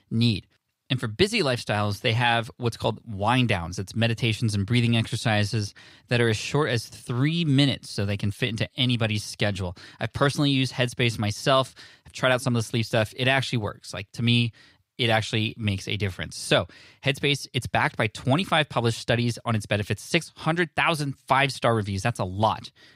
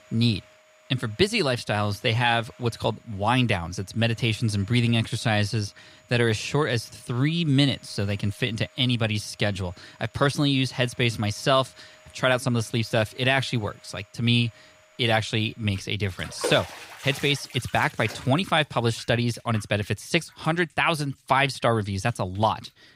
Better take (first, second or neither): first